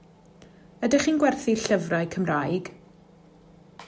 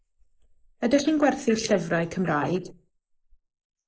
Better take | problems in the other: first | noise reduction (neural mask model Resemble Enhance denoiser)

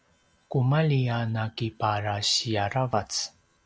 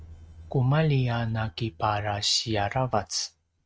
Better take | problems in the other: first | noise reduction (neural mask model RNNoise)

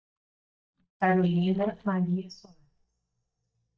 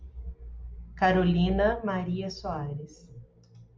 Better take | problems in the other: second | noise reduction (neural mask model DeepFilterNet 3)

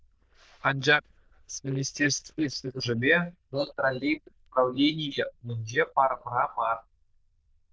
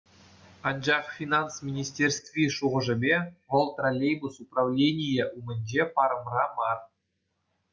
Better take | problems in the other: second | noise reduction (neural diffusion model UNIVERSE++)

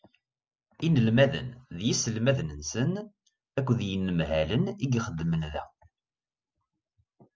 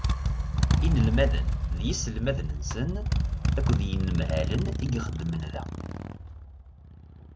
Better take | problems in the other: first | background sound (Motorcycle); 5 dB above the speech

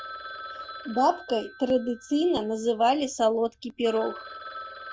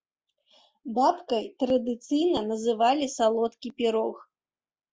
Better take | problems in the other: second | background sound (Telephone); 15 dB below the speech

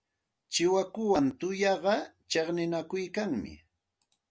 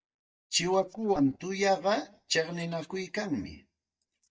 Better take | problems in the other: first | noise reduction (neural mask model DeepFilterNet 3)

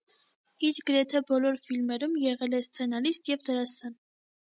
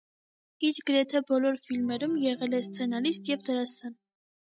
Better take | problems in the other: first | noise reduction (neural mask model DeepFilterNet 3)

